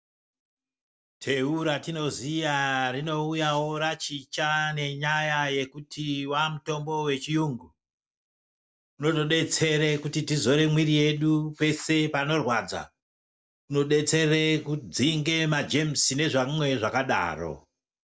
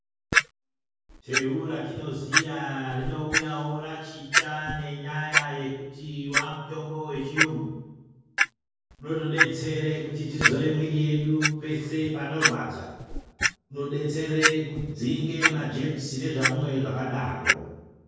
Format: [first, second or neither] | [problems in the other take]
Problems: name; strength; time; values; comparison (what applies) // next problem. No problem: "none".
first | background sound (Clock); as loud as the speech // room echo; dies away in 1.3 s